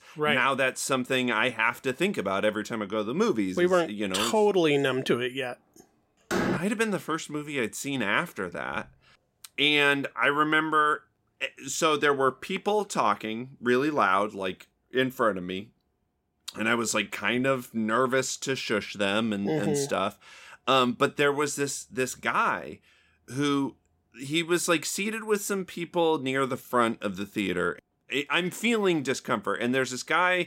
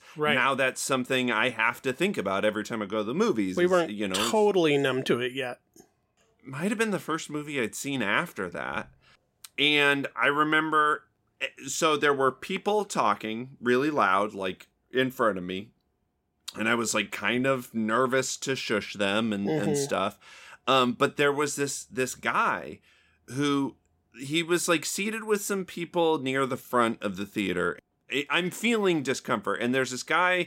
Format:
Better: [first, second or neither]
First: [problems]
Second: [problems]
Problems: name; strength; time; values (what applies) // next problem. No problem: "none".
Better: second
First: door banging; noticeable; at 6.5 s; peak 1 dB below the speech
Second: none